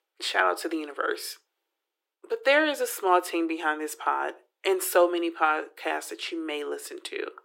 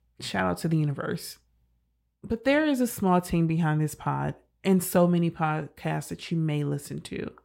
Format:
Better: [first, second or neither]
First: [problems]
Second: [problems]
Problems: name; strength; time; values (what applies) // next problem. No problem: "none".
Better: second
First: thin; very; fading below 350 Hz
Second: none